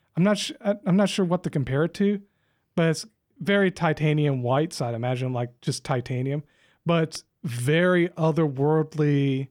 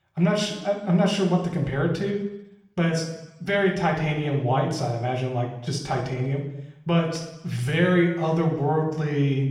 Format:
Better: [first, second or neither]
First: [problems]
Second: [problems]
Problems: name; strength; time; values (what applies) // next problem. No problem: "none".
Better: first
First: none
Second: room echo; noticeable; dies away in 0.8 s // off-mic speech; somewhat distant